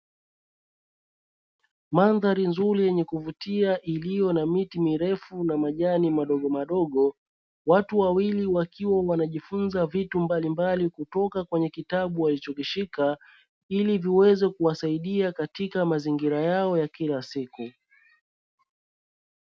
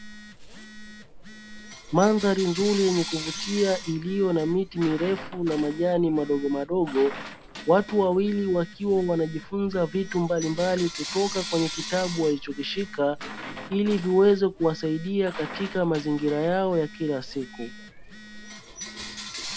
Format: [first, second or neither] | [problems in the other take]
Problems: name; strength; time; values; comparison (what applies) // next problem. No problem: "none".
first | background sound (Coin (dropping) / Bell + Telephone); 13 dB below the speech